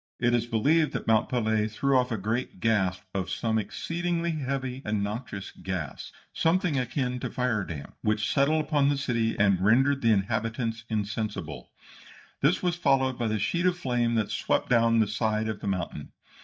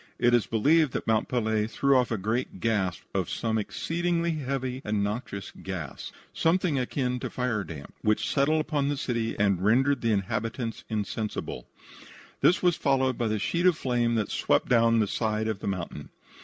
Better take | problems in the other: second | noise reduction (neural mask model DeepFilterNet 3)

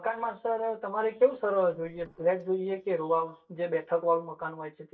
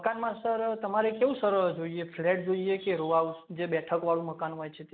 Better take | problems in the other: second | noise reduction (neural mask model DeepFilterNet 3)

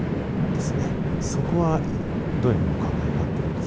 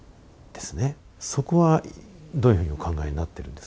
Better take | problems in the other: second | background sound (Train); 3 dB above the speech

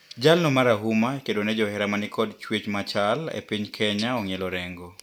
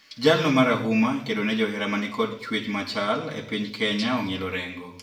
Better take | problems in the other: first | room echo; dies away in 0.7 s

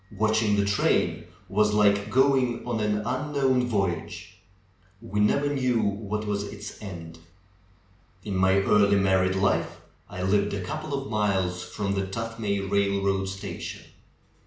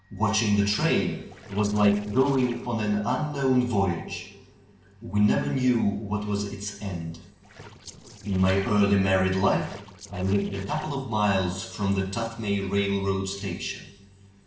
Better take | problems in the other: first | noise reduction (neural separator model SepFormer DNS4)

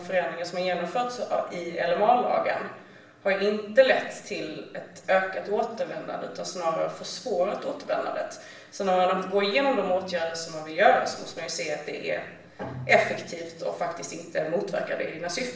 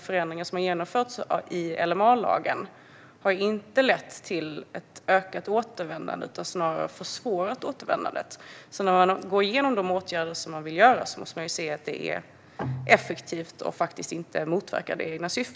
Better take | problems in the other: second | room echo; dies away in 0.7 s

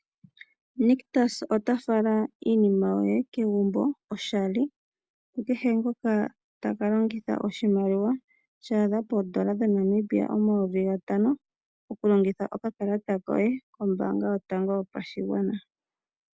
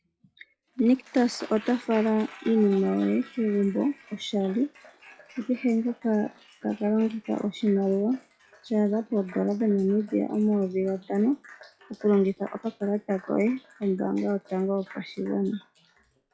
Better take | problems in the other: first | noise reduction (classical method log-MMSE)

